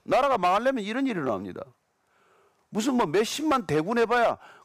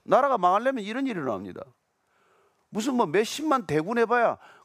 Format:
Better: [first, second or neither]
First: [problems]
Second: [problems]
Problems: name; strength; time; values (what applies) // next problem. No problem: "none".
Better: second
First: distortion; slight; 5% of the sound clipped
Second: none